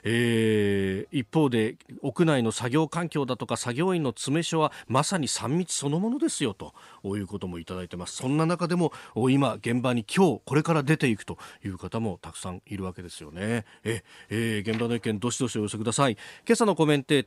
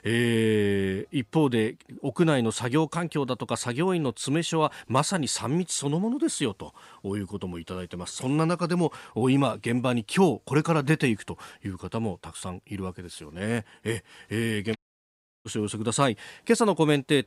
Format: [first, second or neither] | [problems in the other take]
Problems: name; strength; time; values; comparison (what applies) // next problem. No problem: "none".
first | audio cutting out; at 15 s for 0.5 s